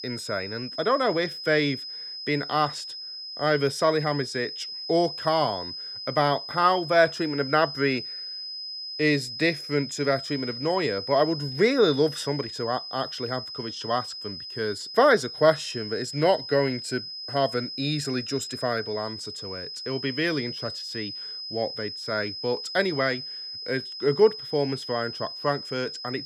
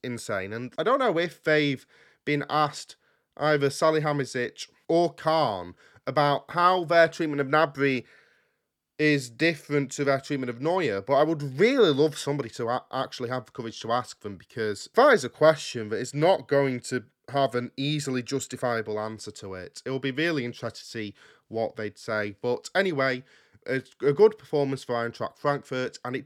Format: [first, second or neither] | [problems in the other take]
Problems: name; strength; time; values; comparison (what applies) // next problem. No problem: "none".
second | high-pitched whine; loud; throughout; 5 kHz, 8 dB below the speech